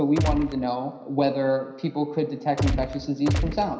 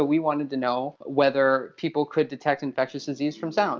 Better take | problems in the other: second | background sound (Gunshot, gunfire); 1 dB below the speech // room echo; dies away in 0.9 s

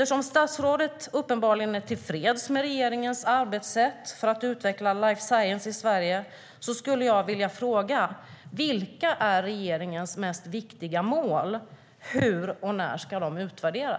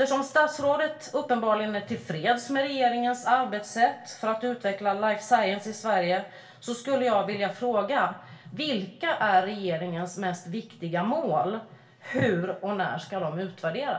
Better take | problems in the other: first | room echo; dies away in 0.3 s

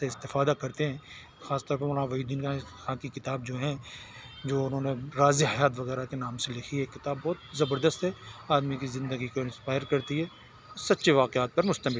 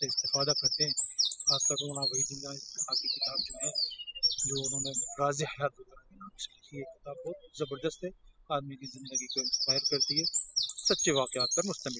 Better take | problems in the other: first | noise reduction (classical method spectral subtraction)

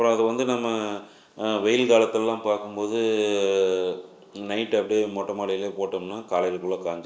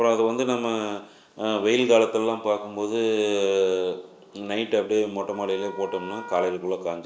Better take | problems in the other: first | background sound (Wind instrument, woodwind instrument); 15 dB below the speech

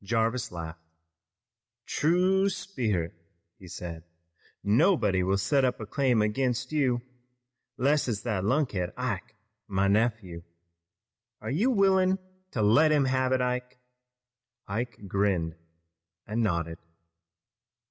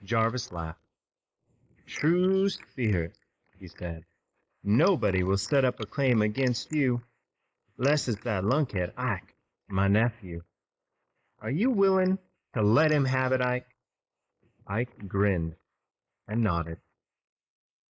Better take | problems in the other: first | noise reduction (neural mask model Resemble Enhance denoiser)

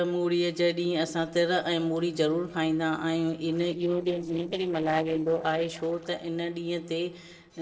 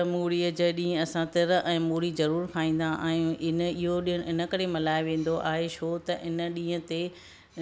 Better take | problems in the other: second | noise reduction (neural separator model SepFormer DNS4)

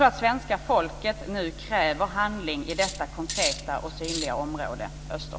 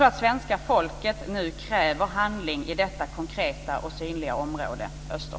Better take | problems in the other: second | background sound (Cutlery, silverware); 7 dB below the speech

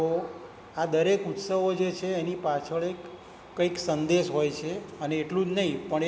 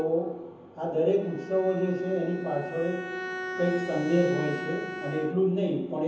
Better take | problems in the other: first | background sound (Bowed string instrument); 11 dB below the speech // room echo; dies away in 0.7 s

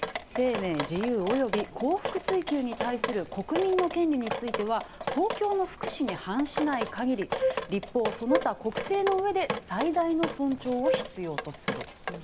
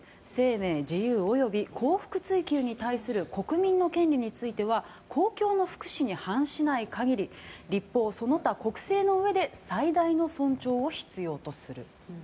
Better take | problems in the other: second | background sound (Wind instrument, woodwind instrument + Drip); 5 dB below the speech

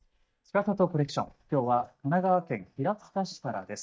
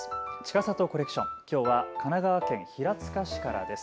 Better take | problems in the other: second | noise reduction (neural mask model DeepFilterNet 3)

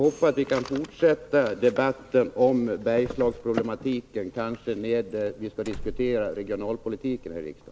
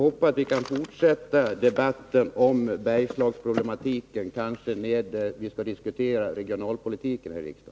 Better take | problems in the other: second | background sound (Doorbell); 19 dB below the speech

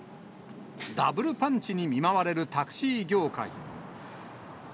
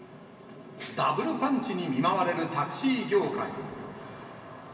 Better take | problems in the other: first | room echo; dies away in 2.6 s

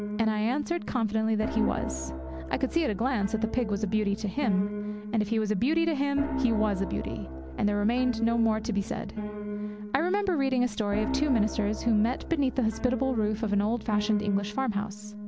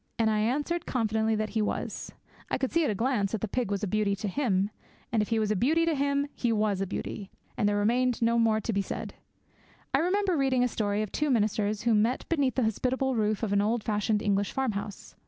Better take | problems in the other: second | background sound (Piano); 7 dB below the speech

